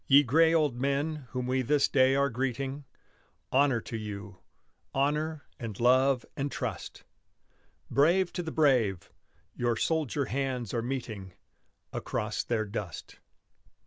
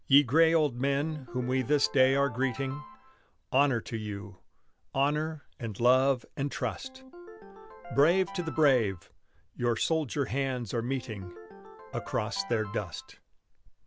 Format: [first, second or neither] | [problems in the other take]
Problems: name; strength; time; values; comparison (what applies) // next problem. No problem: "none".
first | background sound (Ringtone); 16 dB below the speech